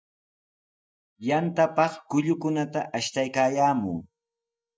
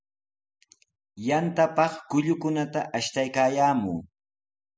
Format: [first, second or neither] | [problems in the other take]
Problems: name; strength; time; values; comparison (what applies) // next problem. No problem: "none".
second | noise reduction (neural mask model DeepFilterNet 3)